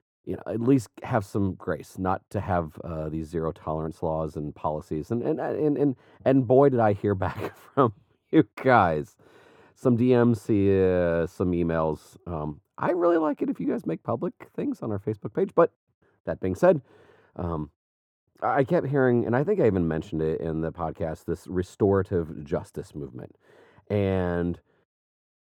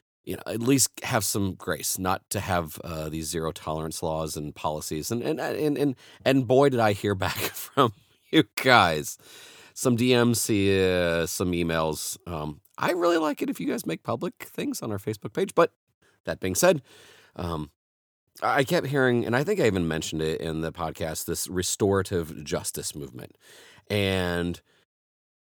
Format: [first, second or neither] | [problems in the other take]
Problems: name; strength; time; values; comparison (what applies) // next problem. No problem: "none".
second | muffled; very; fading above 2.5 kHz